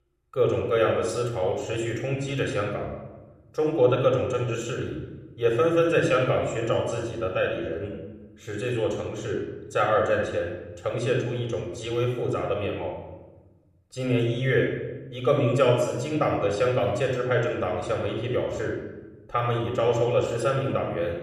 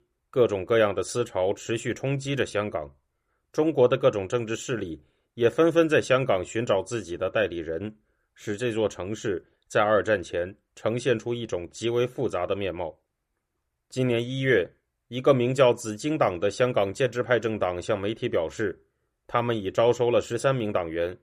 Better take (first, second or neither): second